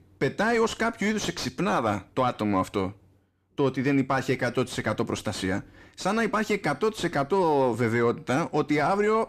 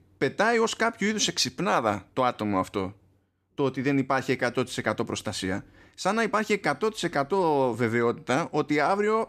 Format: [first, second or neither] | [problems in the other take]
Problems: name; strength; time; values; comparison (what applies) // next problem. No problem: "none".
second | distortion; slight; 10 dB below the speech